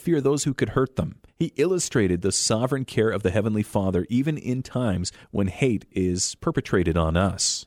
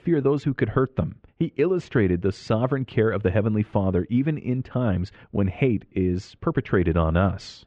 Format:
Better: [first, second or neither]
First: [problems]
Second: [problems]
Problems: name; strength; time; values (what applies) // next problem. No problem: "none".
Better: first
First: none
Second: muffled; very; fading above 2.5 kHz